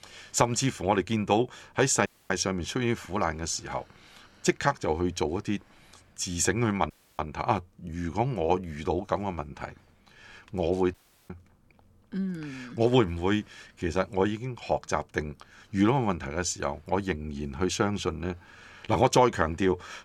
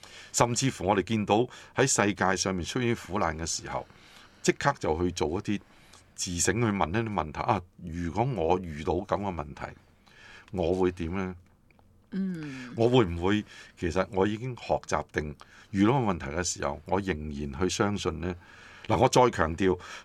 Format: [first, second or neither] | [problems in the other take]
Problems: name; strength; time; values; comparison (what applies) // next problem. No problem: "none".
second | audio cutting out; at 2 s, at 7 s and at 11 s